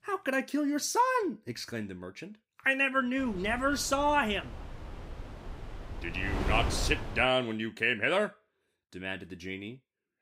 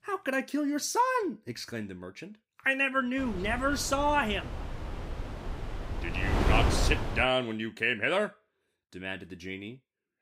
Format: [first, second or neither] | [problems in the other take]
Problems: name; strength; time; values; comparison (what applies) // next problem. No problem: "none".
first | wind noise on the microphone; heavy; from 3 to 7 s; 9 dB below the speech; occasional gusts in the first